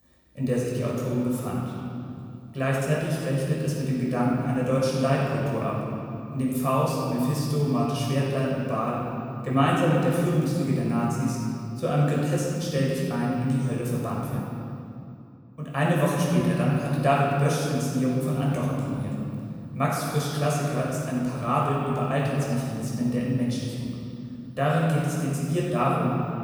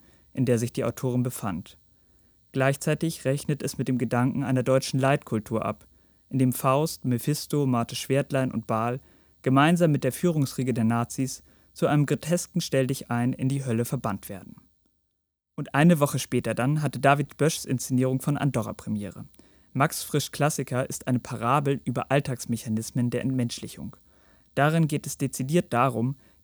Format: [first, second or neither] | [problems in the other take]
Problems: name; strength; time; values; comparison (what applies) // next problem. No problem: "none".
second | off-mic speech; far // room echo; strong; dies away in 2.5 s